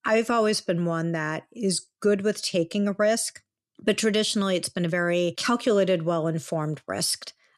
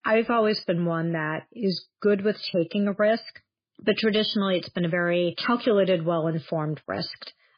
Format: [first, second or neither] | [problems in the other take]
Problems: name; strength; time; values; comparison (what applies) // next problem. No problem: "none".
first | garbled, watery; badly